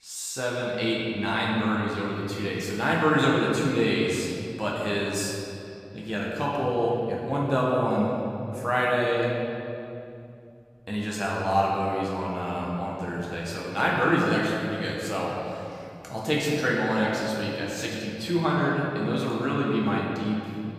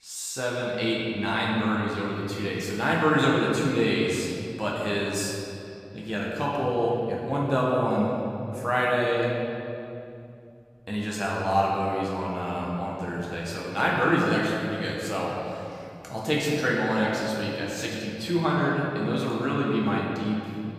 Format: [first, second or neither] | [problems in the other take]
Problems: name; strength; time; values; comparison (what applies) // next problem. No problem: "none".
neither | room echo; noticeable; dies away in 2.5 s; the same in both // off-mic speech; far; the same in both